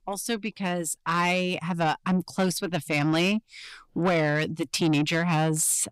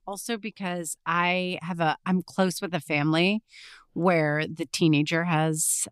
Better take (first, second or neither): second